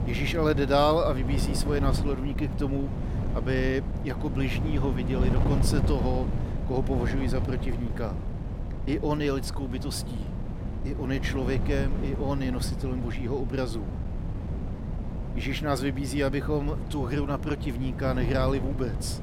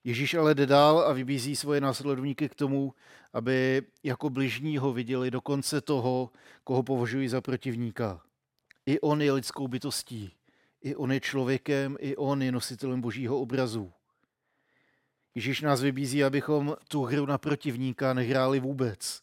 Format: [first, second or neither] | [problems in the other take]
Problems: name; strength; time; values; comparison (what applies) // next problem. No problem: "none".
second | wind noise on the microphone; heavy; 9 dB below the speech